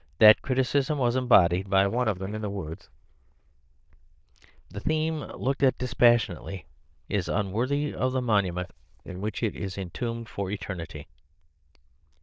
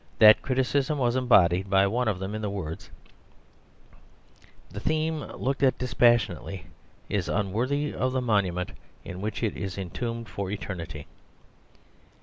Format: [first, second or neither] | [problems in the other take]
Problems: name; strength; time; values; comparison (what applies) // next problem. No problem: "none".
second | noise reduction (neural diffusion model UNIVERSE++)